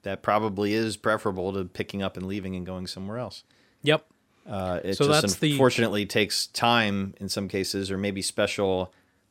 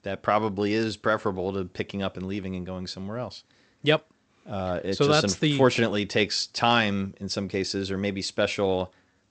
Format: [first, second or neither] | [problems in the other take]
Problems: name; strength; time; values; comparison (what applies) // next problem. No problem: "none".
first | garbled, watery; slightly; nothing above 8 kHz